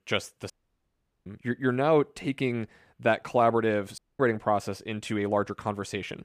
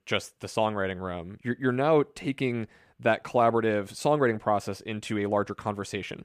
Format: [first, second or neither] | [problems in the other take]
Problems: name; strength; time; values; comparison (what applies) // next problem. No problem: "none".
second | audio cutting out; at 0.5 s for 1 s and at 4 s